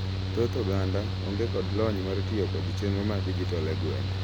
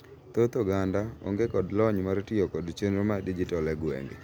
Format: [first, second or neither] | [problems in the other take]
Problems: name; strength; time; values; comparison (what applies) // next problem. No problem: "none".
second | background sound (Mechanical fan); 1 dB above the speech